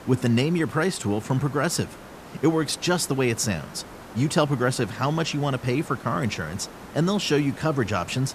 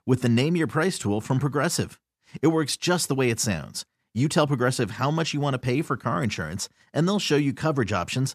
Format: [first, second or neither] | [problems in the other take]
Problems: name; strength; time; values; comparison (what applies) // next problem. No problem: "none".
second | hiss; noticeable; throughout; 15 dB below the speech